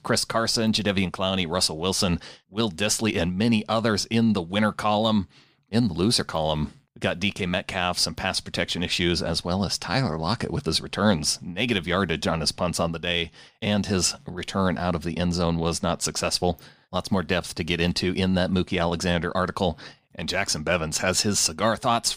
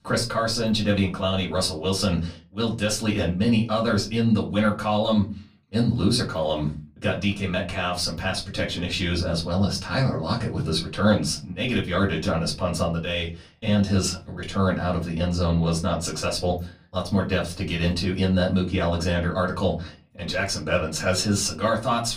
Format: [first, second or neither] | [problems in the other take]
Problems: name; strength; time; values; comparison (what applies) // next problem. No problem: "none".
first | off-mic speech; far // room echo; very slight; dies away in 0.3 s